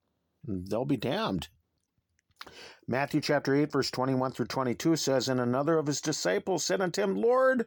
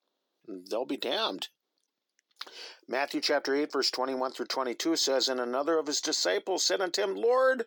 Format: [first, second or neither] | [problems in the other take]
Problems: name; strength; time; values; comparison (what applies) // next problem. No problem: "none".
first | thin; somewhat; fading below 300 Hz